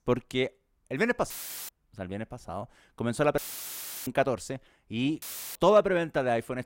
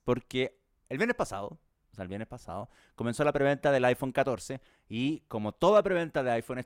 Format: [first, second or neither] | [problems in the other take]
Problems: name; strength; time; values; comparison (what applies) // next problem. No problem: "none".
second | audio cutting out; filled with static; at 1.5 s, at 3.5 s for 0.5 s and at 5 s